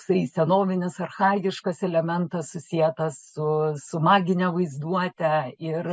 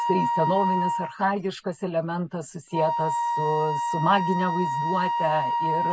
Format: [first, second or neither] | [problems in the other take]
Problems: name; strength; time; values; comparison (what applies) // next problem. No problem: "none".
first | background sound (Wind instrument, woodwind instrument); as loud as the speech